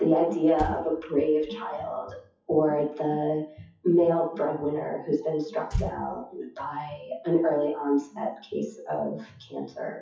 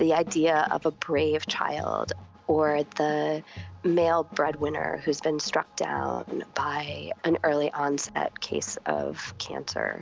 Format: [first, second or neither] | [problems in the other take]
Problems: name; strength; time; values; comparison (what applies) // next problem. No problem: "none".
second | noise reduction (classical method WPE with log-MMSE)